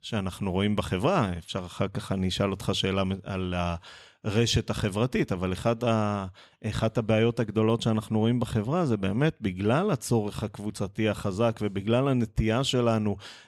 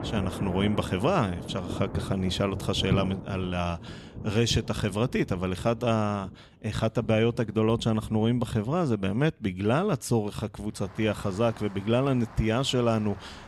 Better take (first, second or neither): first